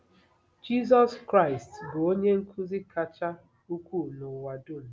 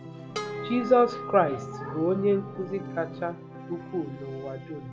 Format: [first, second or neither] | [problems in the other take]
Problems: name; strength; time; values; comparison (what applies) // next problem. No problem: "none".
first | background sound (Harp + Organ); 10 dB below the speech